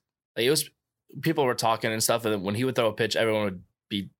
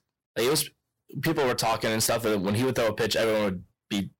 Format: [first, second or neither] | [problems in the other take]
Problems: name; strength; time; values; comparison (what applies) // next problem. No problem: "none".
first | distortion; heavy; 18% of the sound clipped